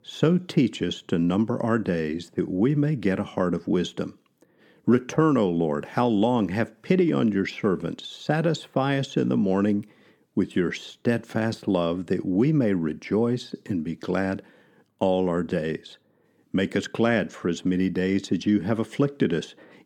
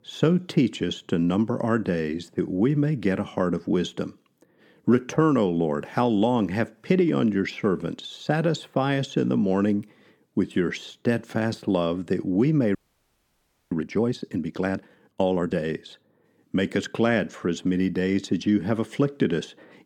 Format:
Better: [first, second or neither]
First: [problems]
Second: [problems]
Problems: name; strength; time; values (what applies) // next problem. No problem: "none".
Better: first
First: none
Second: audio freezing; at 13 s for 1 s